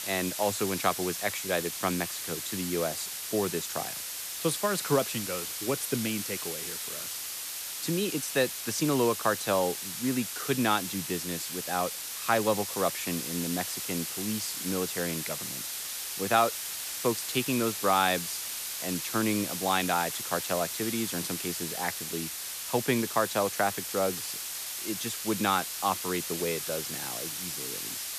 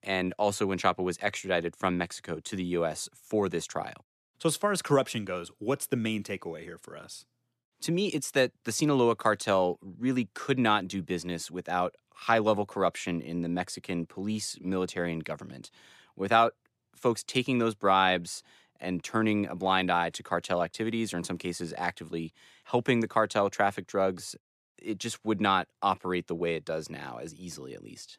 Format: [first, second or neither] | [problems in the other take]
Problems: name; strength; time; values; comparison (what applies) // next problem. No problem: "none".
second | hiss; loud; throughout; 3 dB below the speech